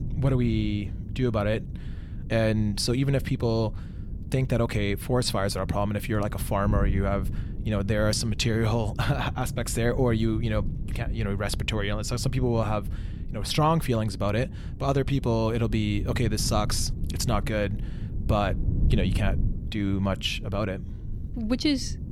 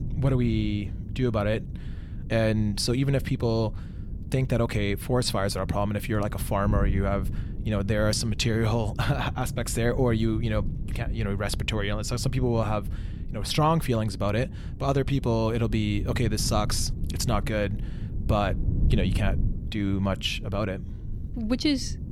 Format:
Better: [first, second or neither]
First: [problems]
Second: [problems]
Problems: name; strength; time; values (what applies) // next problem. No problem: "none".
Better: neither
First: wind noise on the microphone; occasional gusts; 15 dB below the speech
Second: wind noise on the microphone; occasional gusts; 15 dB below the speech